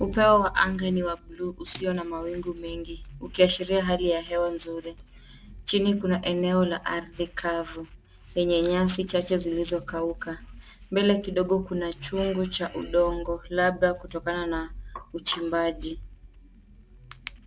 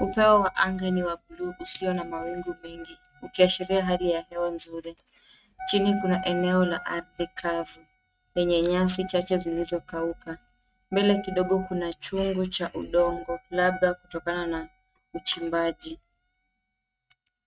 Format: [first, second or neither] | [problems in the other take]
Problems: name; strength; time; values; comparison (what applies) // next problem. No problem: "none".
first | noise reduction (neural mask model RNNoise)